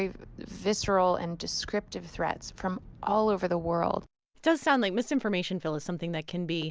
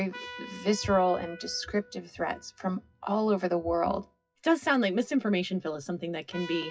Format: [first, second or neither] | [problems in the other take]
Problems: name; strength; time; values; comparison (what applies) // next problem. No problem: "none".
first | noise reduction (classical method WPE with log-MMSE)